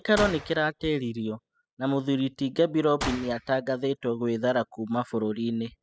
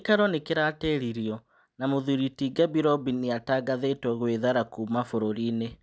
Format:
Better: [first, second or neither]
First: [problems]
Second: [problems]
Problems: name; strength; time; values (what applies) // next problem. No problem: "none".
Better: second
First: noise reduction (classical method spectral subtraction)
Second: none